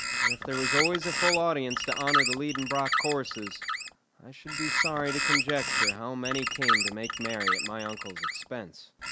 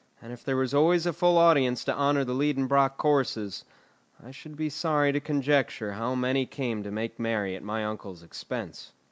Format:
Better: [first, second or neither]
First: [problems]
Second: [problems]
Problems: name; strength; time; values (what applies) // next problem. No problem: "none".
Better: second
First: background sound (Bird); 3 dB above the speech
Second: none